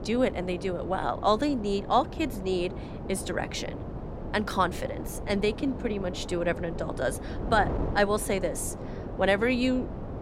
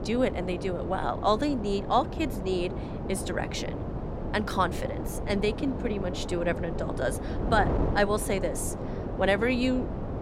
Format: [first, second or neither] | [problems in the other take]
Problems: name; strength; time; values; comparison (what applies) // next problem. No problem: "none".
first | wind noise on the microphone; heavy; 9 dB below the speech; occasional gusts in the first